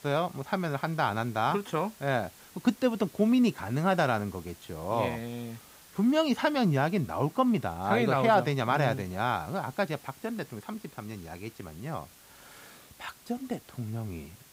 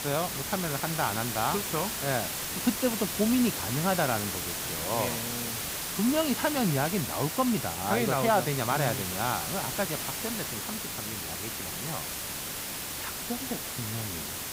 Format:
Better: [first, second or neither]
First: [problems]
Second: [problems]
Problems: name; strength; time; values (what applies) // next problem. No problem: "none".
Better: first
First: hiss; faint; throughout; 25 dB below the speech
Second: hiss; loud; throughout; 2 dB below the speech